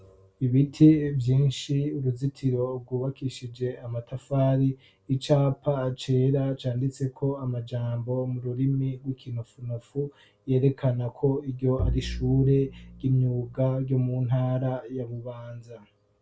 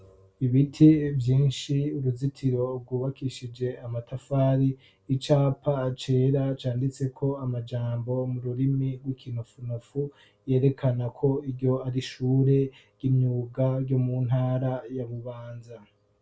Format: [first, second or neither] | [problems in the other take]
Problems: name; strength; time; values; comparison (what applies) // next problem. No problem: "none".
second | background sound (Bowed string instrument); 9 dB below the speech